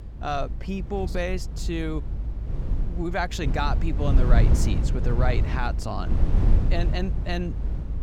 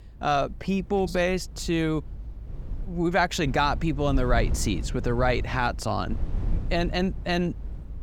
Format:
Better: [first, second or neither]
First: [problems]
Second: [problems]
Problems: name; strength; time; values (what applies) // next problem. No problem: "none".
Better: second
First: low rumble; loud; throughout; 9 dB below the speech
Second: low rumble; faint; throughout; 20 dB below the speech